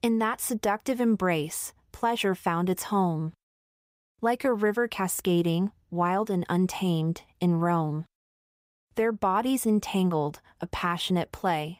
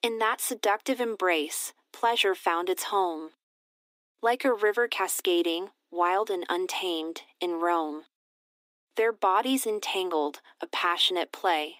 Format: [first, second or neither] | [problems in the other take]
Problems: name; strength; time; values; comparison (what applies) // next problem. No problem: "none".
first | thin; somewhat; fading below 250 Hz